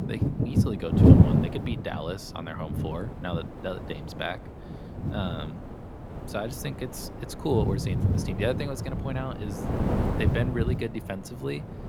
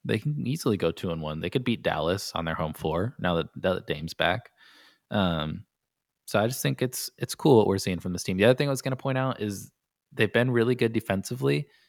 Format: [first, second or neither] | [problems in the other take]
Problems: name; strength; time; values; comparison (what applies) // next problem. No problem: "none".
second | wind noise on the microphone; heavy; as loud as the speech